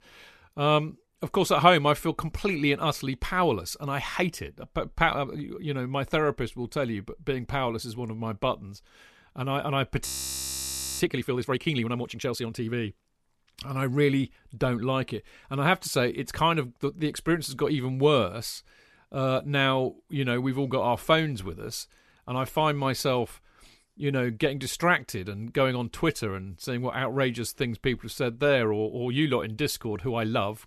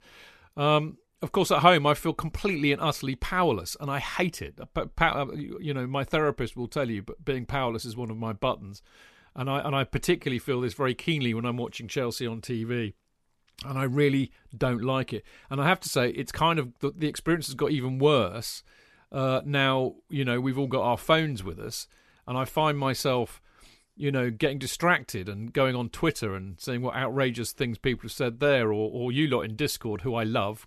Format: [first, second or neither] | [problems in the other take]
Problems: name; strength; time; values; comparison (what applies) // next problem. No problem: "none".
second | audio freezing; at 10 s for 1 s